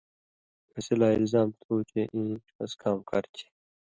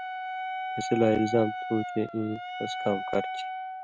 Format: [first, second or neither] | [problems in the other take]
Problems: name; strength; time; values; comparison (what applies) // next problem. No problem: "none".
first | background sound (Wind instrument, woodwind instrument); 5 dB below the speech